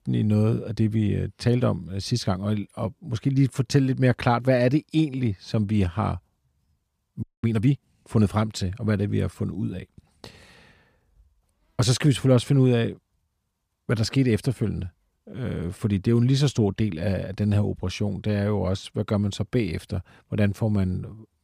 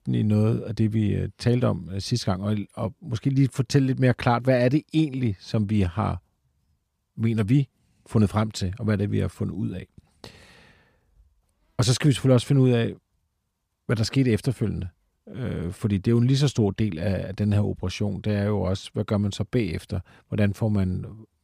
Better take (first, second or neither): second